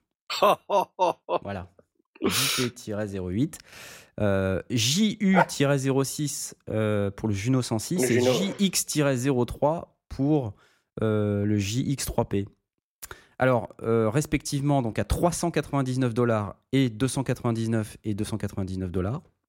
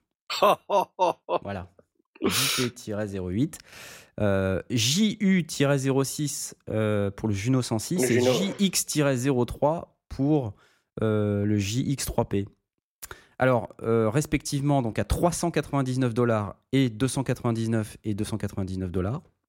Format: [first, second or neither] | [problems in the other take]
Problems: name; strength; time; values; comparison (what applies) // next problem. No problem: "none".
second | dog barking; loud; at 5.5 s; peak level with the speech